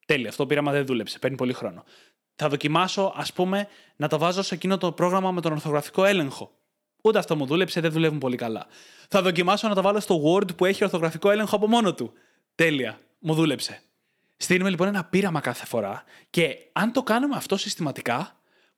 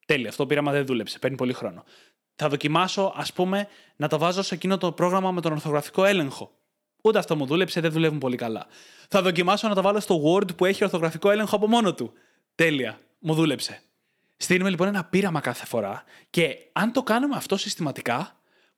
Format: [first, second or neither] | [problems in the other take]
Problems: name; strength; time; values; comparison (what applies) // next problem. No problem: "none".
neither | none